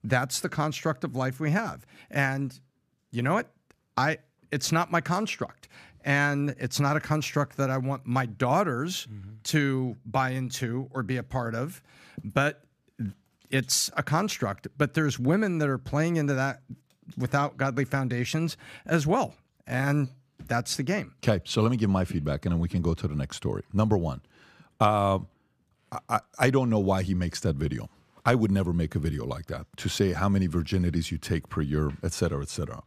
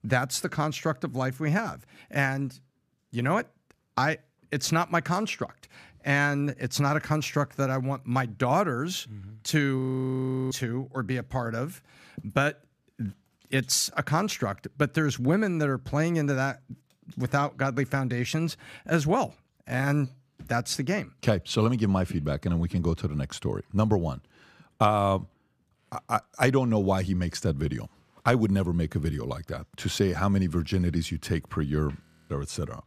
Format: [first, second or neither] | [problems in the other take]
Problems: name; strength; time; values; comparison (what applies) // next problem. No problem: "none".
first | audio freezing; at 10 s for 0.5 s and at 32 s